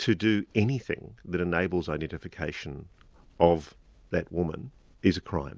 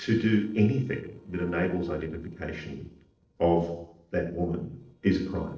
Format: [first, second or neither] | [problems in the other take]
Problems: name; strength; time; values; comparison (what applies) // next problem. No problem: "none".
first | noise reduction (neural separator model SepFormer DNS4)